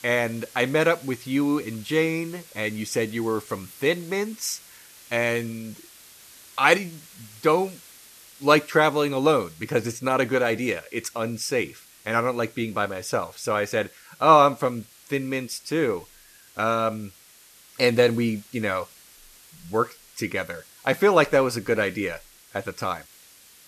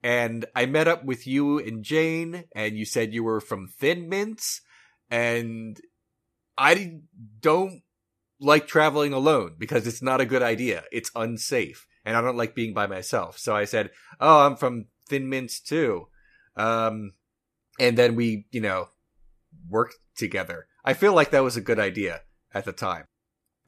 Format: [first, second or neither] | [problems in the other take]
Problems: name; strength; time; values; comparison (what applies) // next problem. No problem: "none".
second | hiss; faint; throughout; 25 dB below the speech